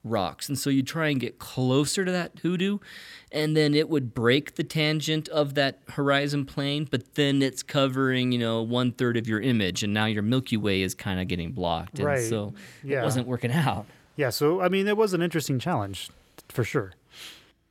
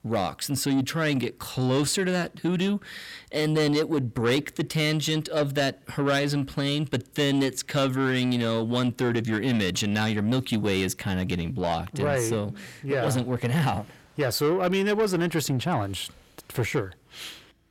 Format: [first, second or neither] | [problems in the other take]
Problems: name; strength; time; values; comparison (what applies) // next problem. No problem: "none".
first | distortion; slight; 10 dB below the speech